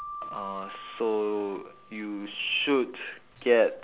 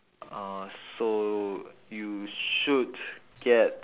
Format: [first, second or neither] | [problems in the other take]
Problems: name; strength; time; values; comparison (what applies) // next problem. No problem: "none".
second | background sound (Keyboard (musical)); 16 dB below the speech